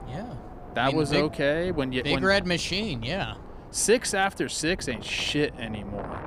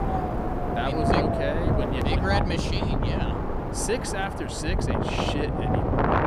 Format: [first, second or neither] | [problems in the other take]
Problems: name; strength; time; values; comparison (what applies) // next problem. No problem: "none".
first | wind noise on the microphone; heavy; 3 dB above the speech; occasional gusts in the first